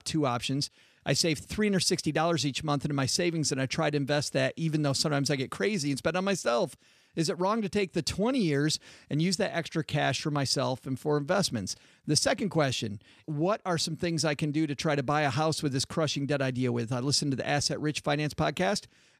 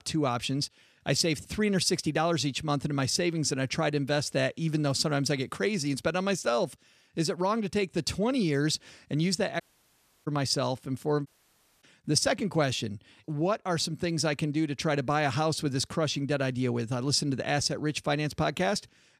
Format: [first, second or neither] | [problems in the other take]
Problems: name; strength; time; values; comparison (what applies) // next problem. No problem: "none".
first | audio cutting out; at 9.5 s for 0.5 s and at 11 s for 0.5 s